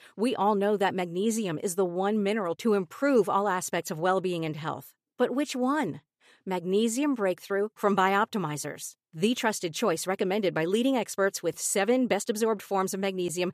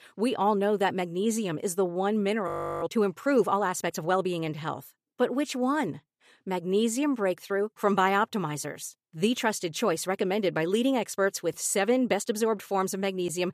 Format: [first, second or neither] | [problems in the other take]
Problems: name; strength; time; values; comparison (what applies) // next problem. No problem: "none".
first | audio freezing; at 2.5 s